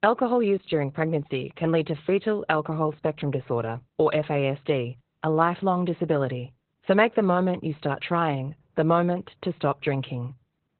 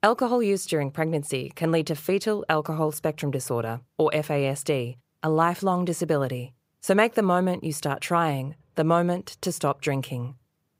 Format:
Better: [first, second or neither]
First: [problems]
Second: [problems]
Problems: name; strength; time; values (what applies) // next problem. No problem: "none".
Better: second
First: garbled, watery; badly; nothing above 4 kHz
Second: none